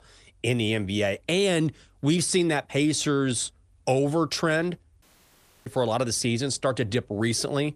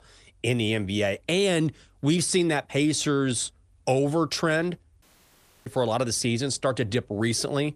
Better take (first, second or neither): neither